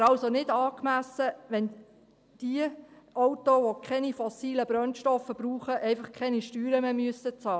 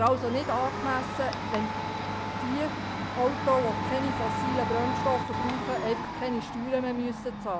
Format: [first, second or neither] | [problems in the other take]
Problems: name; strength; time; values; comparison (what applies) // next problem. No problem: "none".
first | background sound (Domestic sounds, home sounds); 2 dB below the speech